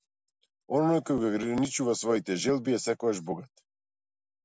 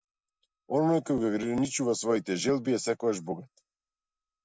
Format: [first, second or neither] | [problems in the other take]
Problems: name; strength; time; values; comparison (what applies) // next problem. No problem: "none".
first | noise reduction (neural mask model DeepFilterNet 3)